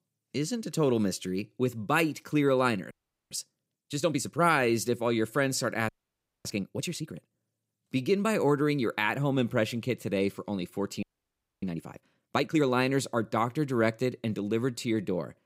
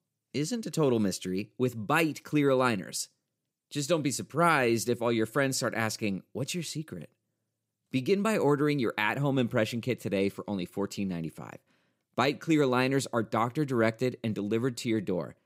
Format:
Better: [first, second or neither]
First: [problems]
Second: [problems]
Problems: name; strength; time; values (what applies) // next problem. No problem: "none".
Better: second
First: audio freezing; at 3 s, at 6 s for 0.5 s and at 11 s for 0.5 s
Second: none